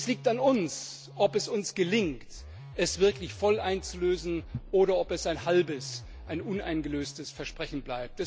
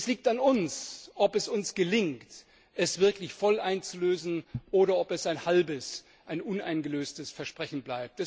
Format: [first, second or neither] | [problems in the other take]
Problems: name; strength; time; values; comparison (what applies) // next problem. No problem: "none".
second | background sound (Musical instrument); 15 dB below the speech